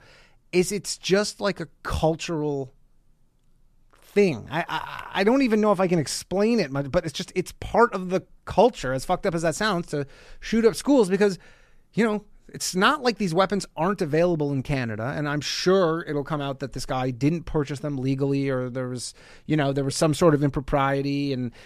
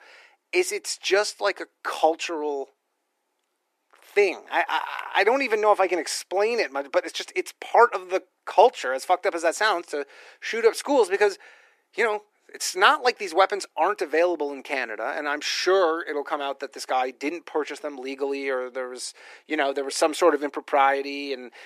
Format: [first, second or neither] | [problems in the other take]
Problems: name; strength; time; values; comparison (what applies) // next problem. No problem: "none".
first | thin; very; fading below 350 Hz